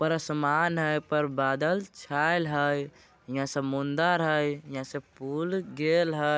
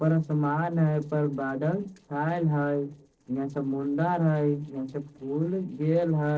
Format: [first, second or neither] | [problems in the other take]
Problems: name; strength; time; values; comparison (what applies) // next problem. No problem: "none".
first | noise reduction (neural separator model SepFormer DNS4)